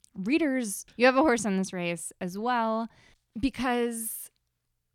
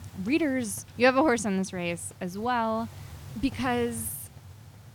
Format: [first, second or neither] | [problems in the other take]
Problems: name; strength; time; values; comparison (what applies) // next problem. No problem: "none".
first | hiss; noticeable; throughout; 20 dB below the speech